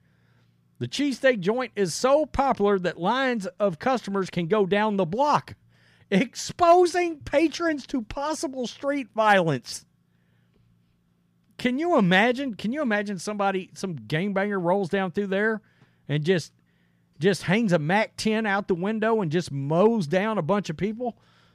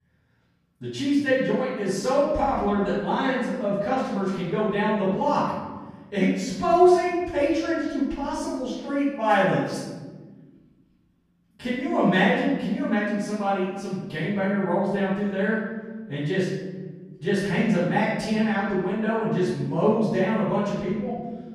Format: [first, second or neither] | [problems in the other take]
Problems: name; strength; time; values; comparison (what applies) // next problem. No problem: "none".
first | off-mic speech; far // room echo; strong; dies away in 1.4 s